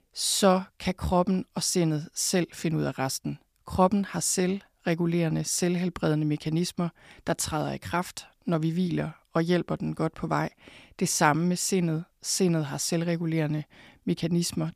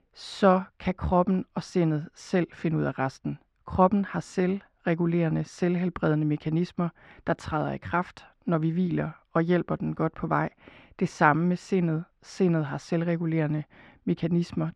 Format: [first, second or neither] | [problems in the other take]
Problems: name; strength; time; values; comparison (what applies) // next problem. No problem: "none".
first | muffled; very; fading above 2 kHz